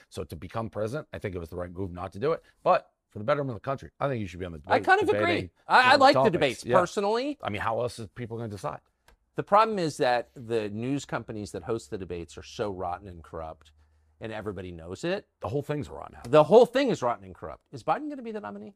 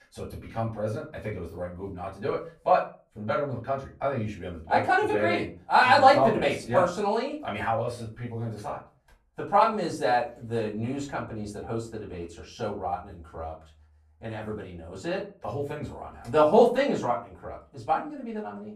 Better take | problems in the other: first | room echo; slight; dies away in 0.3 s // off-mic speech; far

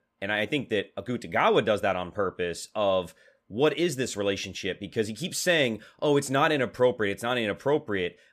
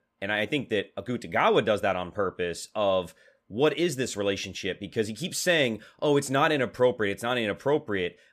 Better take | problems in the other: neither | none

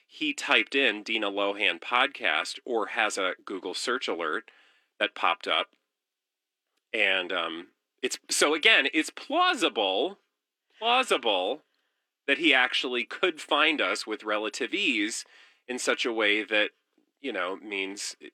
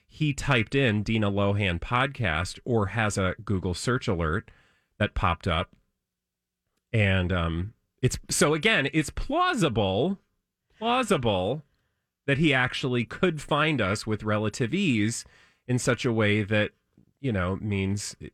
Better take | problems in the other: second | thin; somewhat; fading below 300 Hz

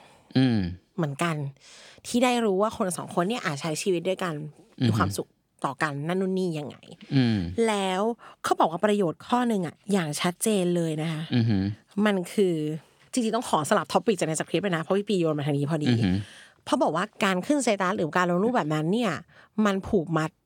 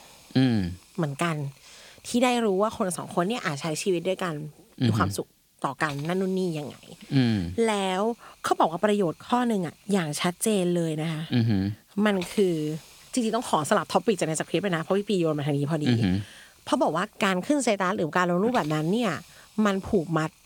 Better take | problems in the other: first | hiss; faint; throughout; 25 dB below the speech

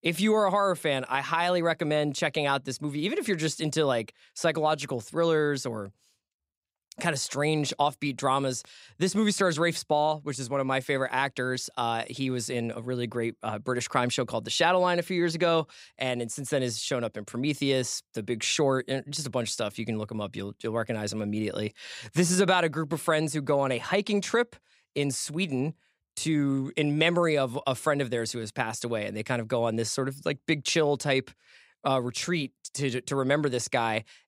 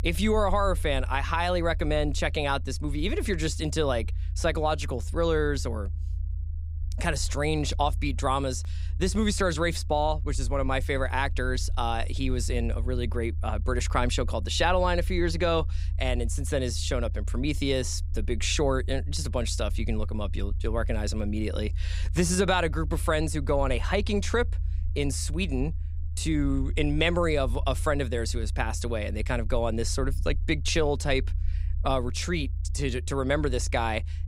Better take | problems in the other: first | low rumble; faint; throughout; 25 dB below the speech

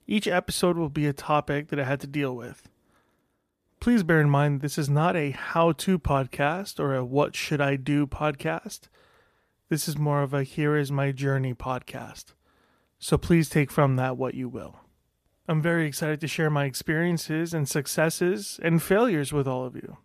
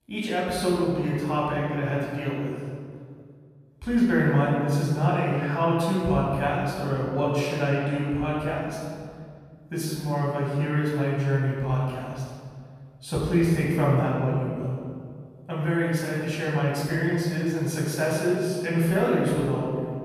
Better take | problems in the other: first | off-mic speech; far // room echo; strong; dies away in 2 s

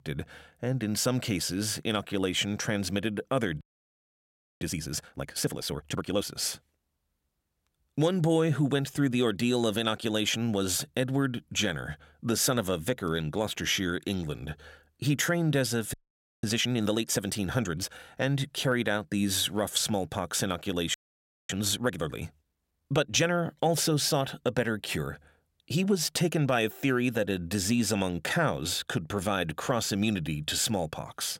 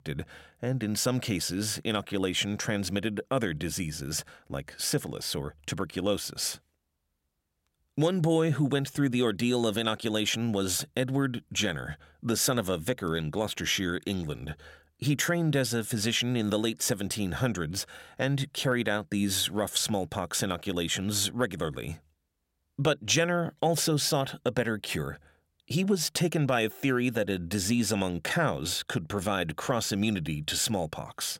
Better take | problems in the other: second | audio freezing; at 3.5 s for 1 s, at 16 s and at 21 s for 0.5 s

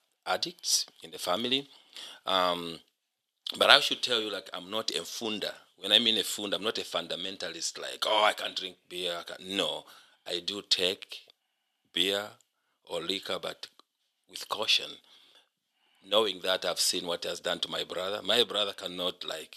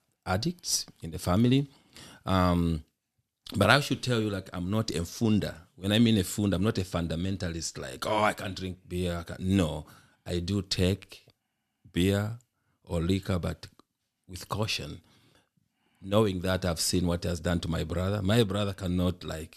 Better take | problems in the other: second | thin; very; fading below 550 Hz

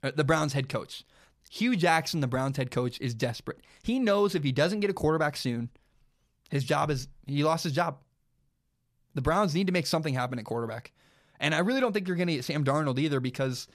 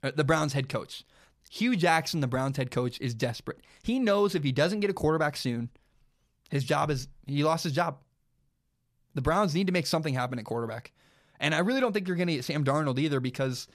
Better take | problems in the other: neither | none

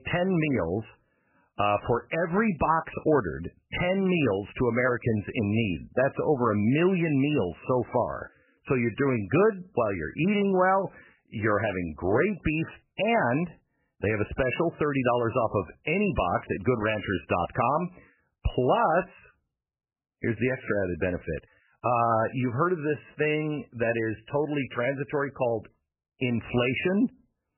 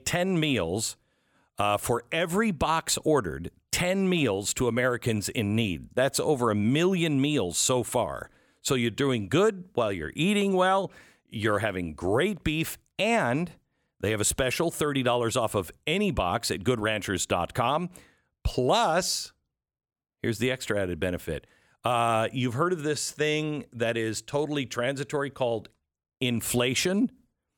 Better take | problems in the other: second | garbled, watery; badly; nothing above 3 kHz

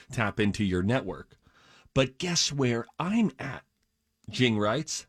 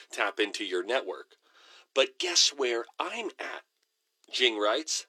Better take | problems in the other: first | thin; very; fading below 350 Hz

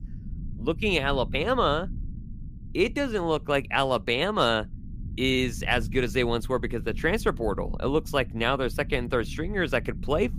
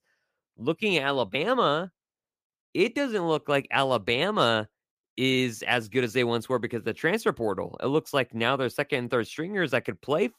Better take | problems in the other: second | low rumble; faint; throughout; 25 dB below the speech

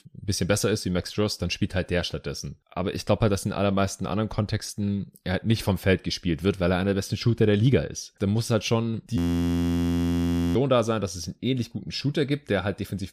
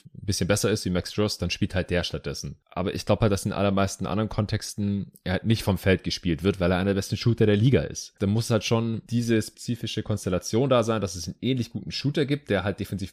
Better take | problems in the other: second | audio freezing; at 9 s for 1.5 s

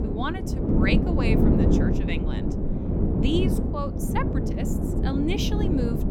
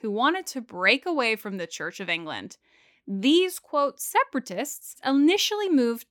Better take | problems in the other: second | wind noise on the microphone; heavy; 1 dB above the speech

